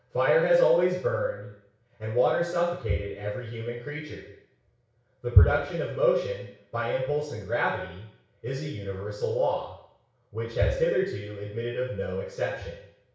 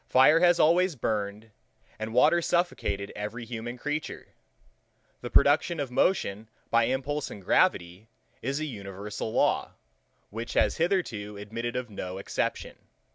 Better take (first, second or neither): second